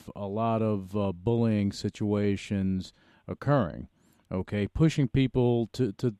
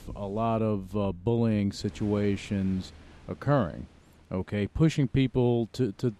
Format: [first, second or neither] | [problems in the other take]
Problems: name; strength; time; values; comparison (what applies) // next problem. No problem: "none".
first | rain or running water; faint; throughout; 25 dB below the speech